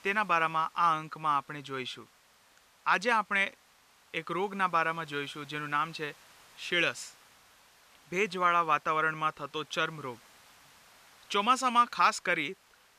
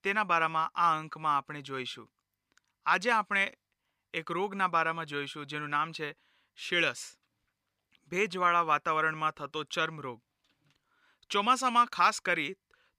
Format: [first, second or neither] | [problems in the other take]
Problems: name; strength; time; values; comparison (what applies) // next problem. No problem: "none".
second | hiss; faint; throughout; 30 dB below the speech